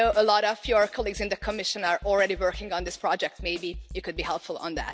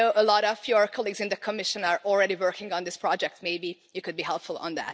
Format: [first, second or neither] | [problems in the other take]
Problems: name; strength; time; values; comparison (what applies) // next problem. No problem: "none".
second | background sound (Snare drum); 15 dB below the speech